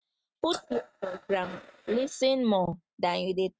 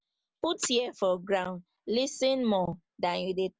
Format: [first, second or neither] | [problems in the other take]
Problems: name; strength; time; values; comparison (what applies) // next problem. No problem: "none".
second | noise reduction (neural mask model RNNoise)